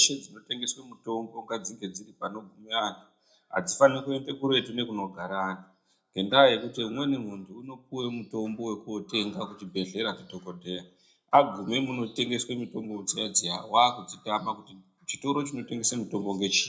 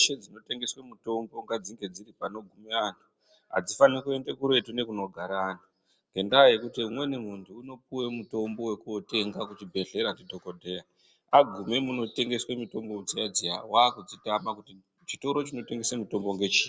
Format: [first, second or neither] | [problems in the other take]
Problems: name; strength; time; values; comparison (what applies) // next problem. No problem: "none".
second | room echo; dies away in 0.2 s